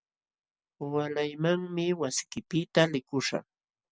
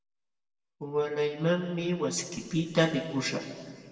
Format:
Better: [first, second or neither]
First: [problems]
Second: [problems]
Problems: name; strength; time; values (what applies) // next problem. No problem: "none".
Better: first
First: none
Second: room echo; dies away in 1.9 s